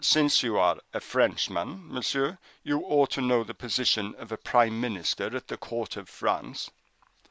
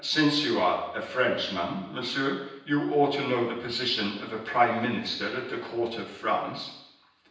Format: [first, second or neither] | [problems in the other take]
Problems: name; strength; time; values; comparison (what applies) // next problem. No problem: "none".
first | room echo; dies away in 0.9 s